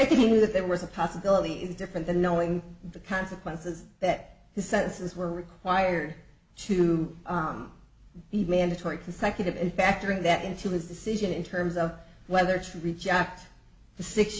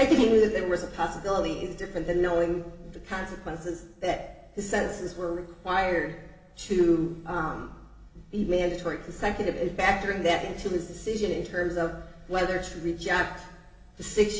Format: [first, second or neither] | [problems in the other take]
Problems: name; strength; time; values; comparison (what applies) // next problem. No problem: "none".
first | room echo; dies away in 1.2 s